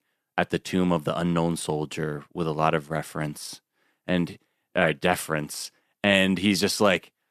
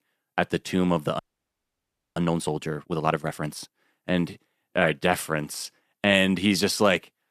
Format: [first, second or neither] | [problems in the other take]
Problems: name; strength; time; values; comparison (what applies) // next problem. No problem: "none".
first | audio freezing; at 1 s for 1 s